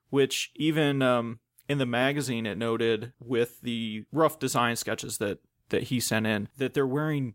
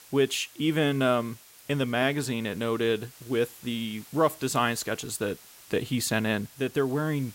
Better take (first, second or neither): first